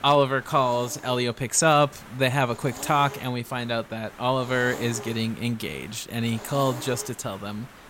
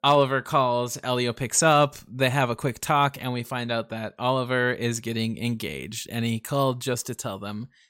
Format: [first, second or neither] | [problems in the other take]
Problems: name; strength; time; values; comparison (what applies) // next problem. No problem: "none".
second | hiss; noticeable; throughout; 15 dB below the speech